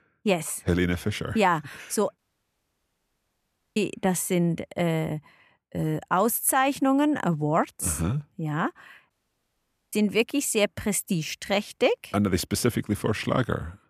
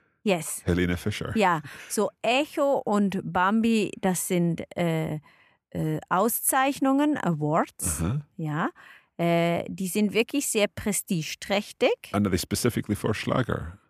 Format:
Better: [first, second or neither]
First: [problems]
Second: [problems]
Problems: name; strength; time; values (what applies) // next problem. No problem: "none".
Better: second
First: audio cutting out; at 2 s for 1.5 s and at 9 s for 1 s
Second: none